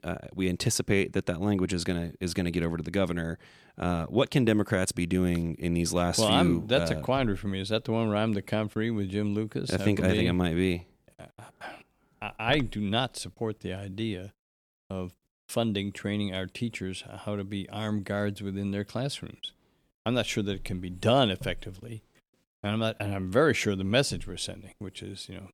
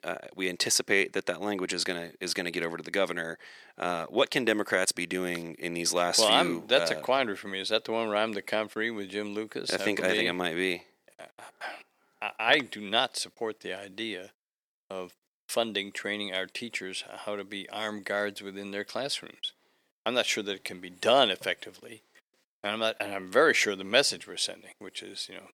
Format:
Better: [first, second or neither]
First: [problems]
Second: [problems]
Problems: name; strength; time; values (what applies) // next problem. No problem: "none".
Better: first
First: none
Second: thin; somewhat; fading below 450 Hz